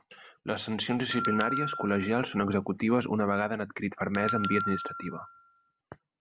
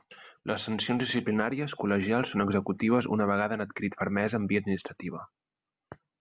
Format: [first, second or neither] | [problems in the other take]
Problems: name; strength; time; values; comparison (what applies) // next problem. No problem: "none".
second | background sound (Bell); 6 dB below the speech